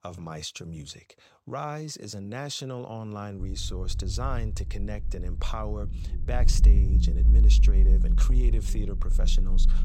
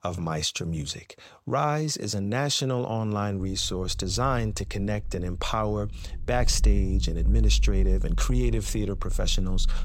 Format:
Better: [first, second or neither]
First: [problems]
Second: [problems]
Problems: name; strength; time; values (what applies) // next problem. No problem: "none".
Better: second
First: low rumble; loud; from 3.5 s on; 9 dB below the speech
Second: low rumble; faint; from 3.5 s on; 20 dB below the speech